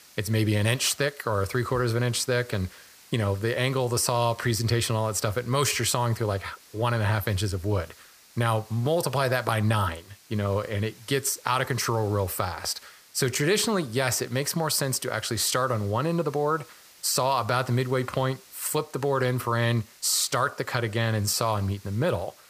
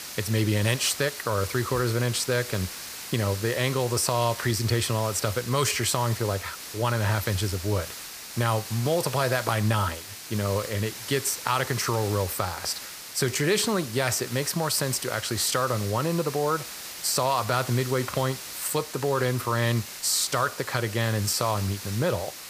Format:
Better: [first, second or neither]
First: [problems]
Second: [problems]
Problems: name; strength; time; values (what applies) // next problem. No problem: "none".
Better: first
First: hiss; faint; throughout; 25 dB below the speech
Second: hiss; loud; throughout; 10 dB below the speech